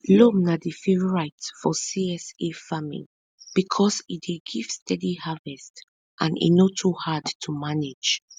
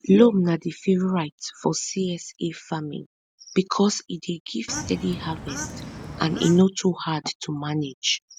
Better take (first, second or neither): first